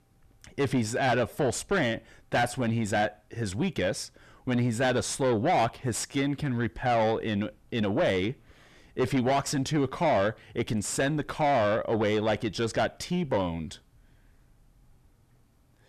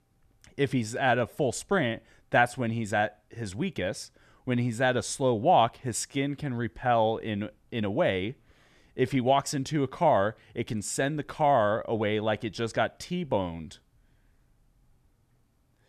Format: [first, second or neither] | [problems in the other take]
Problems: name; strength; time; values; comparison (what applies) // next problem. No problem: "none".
second | distortion; heavy; 7 dB below the speech